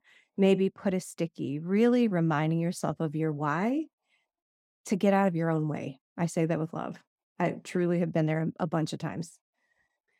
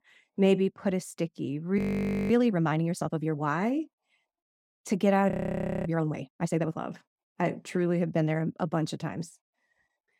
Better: first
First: none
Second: audio freezing; at 2 s for 0.5 s and at 5.5 s for 0.5 s

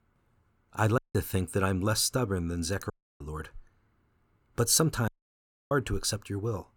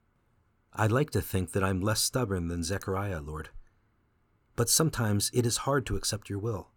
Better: second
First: audio cutting out; at 1 s, at 3 s and at 5 s for 0.5 s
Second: none

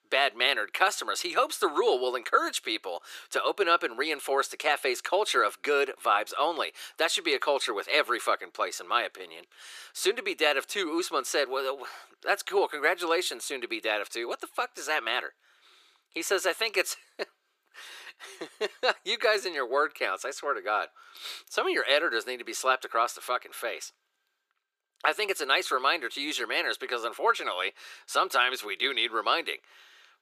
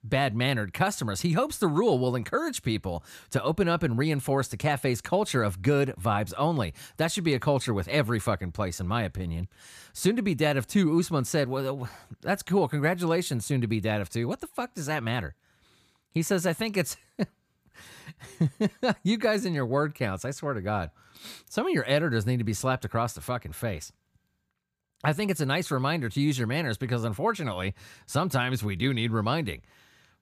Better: second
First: thin; very; fading below 350 Hz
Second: none

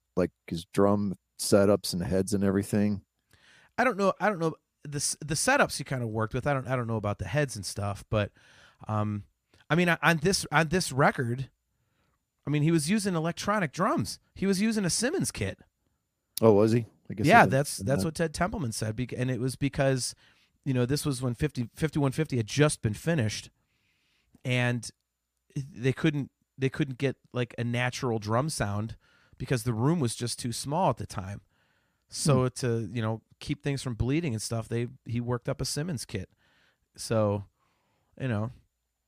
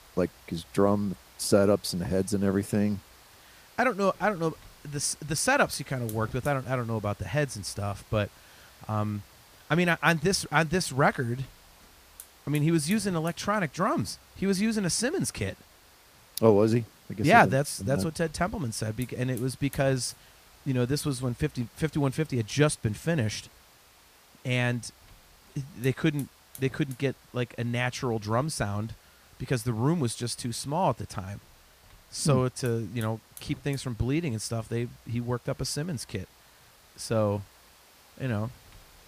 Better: first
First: none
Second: hiss; faint; throughout; 25 dB below the speech

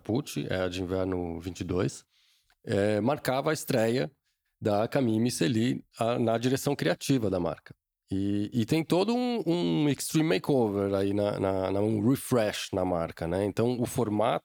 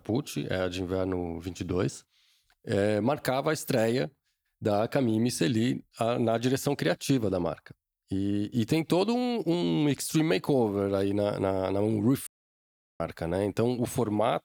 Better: first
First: none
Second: audio cutting out; at 12 s for 0.5 s

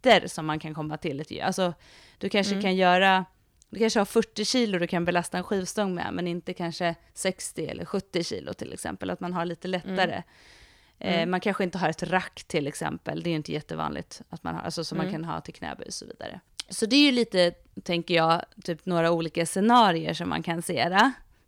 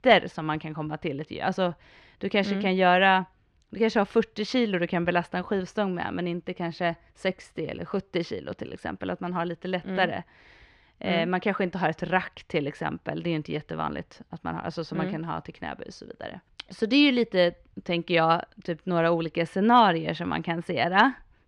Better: first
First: none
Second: muffled; slightly; fading above 2.5 kHz

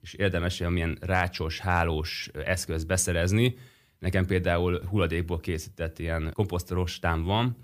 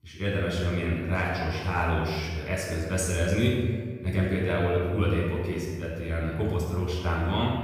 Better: first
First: none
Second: off-mic speech; far // room echo; noticeable; dies away in 1.5 s

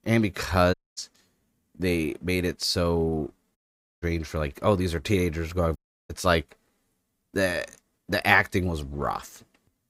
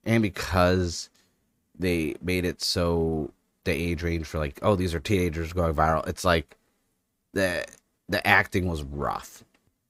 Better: second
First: audio cutting out; at 0.5 s, at 3.5 s and at 6 s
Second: none

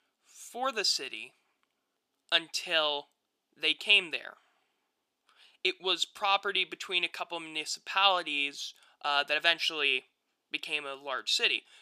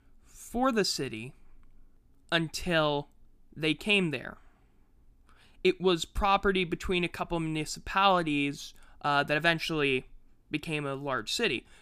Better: second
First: thin; very; fading below 550 Hz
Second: none

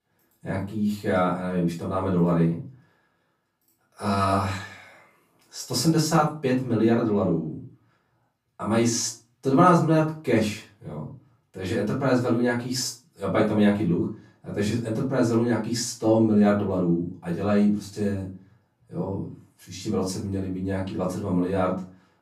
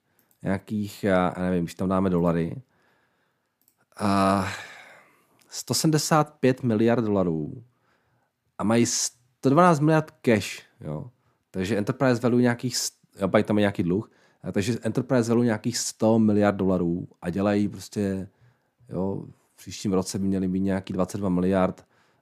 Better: second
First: off-mic speech; far // room echo; slight; dies away in 0.3 s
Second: none

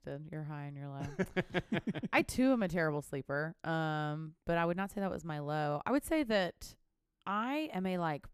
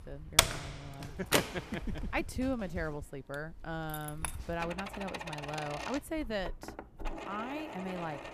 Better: first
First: none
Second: household noises; very loud; throughout; 3 dB above the speech

